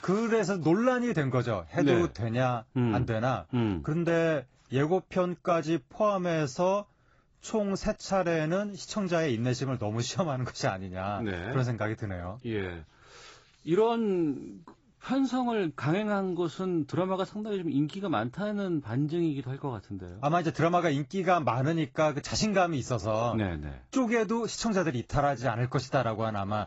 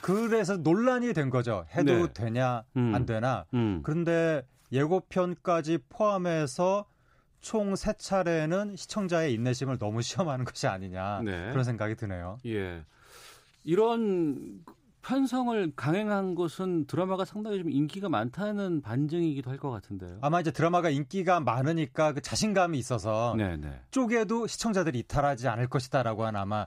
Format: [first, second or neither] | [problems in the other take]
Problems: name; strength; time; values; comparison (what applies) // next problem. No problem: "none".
second | garbled, watery; badly; nothing above 7.5 kHz